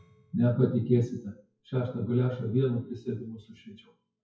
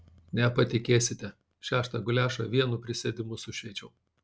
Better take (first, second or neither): second